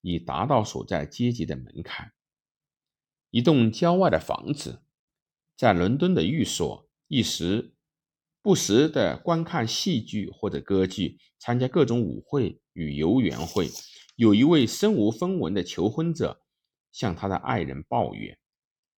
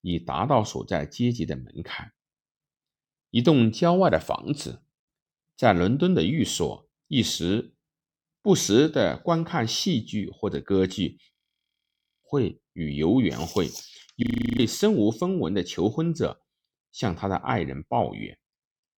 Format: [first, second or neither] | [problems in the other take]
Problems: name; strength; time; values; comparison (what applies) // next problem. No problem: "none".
first | audio freezing; at 11 s for 1 s and at 14 s